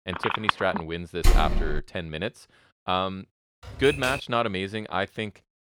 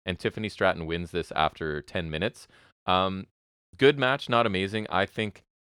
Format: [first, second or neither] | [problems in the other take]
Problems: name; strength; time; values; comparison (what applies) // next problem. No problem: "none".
second | phone ringing; loud; at the start; peak 3 dB above the speech // door banging; loud; at 1 s; peak 4 dB above the speech // keyboard typing; noticeable; at 3.5 s; peak 3 dB below the speech